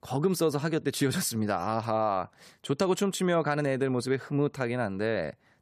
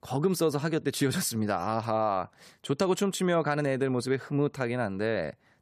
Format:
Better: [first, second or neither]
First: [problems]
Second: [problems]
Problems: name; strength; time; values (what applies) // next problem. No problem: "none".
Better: neither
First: none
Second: none